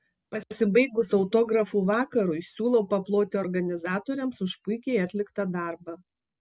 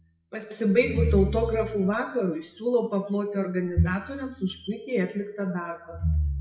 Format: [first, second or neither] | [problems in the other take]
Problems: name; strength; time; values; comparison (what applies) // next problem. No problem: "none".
first | noise reduction (classical method WPE with log-MMSE)